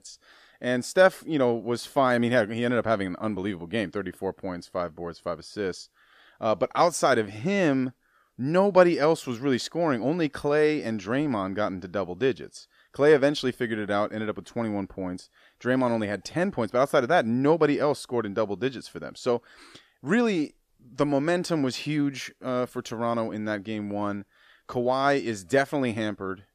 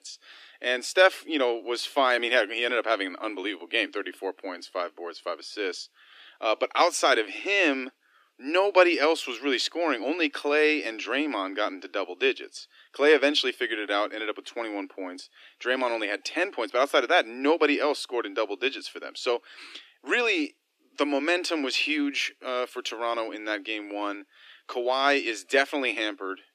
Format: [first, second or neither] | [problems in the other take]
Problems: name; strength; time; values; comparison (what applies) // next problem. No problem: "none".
first | thin; very slightly; fading below 300 Hz